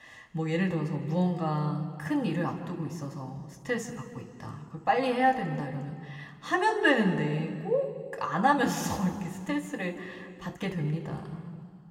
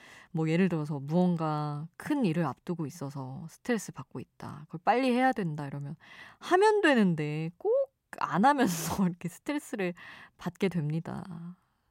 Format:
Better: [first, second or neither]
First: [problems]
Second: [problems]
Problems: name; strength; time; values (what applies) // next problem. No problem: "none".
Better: second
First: room echo; slight; dies away in 2 s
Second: none